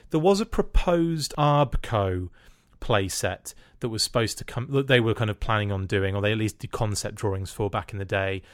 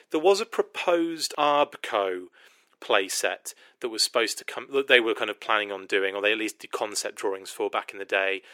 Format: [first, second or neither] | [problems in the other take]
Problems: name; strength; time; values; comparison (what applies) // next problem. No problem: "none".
first | thin; very; fading below 350 Hz